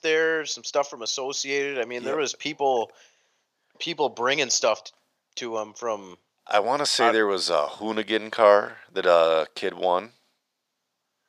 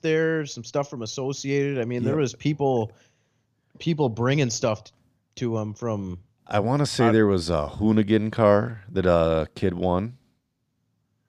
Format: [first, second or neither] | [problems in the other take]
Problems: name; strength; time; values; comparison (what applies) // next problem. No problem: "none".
second | thin; very; fading below 650 Hz